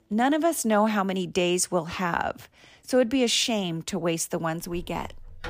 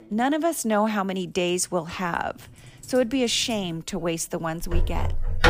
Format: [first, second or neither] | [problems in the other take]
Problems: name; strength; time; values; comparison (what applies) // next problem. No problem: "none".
first | household noises; loud; throughout; 5 dB below the speech; faint in the first